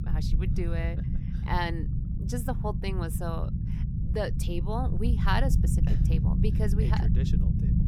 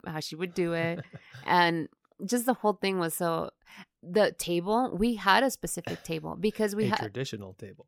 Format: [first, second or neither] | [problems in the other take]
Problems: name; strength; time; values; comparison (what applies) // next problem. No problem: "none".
second | low rumble; loud; throughout; 6 dB below the speech